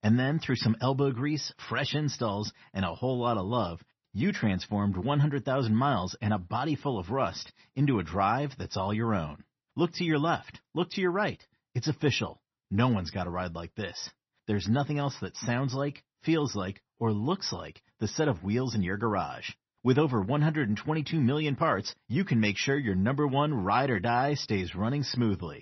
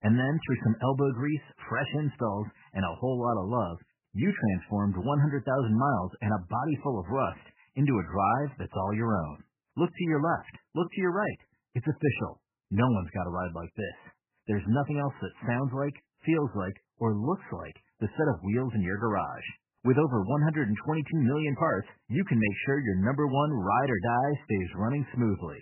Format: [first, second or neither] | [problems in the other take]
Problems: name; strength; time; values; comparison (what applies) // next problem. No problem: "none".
first | garbled, watery; badly; nothing above 3 kHz; slightly in the first